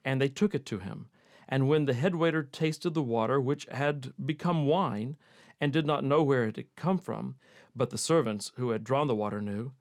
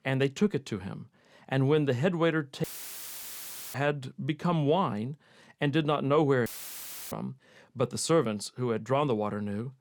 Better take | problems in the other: first | audio cutting out; filled with static; at 2.5 s for 1 s and at 6.5 s for 0.5 s

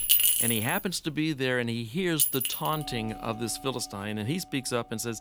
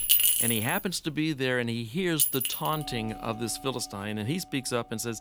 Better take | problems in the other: neither | household noises; very loud; throughout; 5 dB above the speech; the same in both

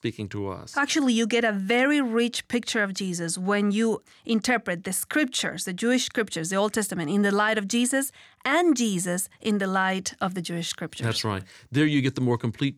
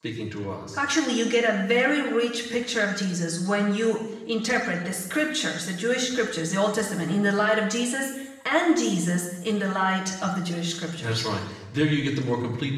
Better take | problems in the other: first | room echo; noticeable; dies away in 0.9 s // off-mic speech; far

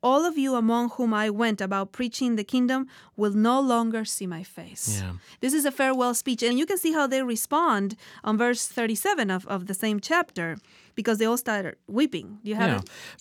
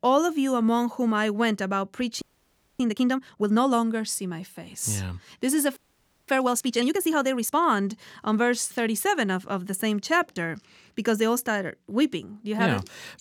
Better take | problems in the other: first | audio freezing; at 2 s for 0.5 s and at 6 s for 0.5 s

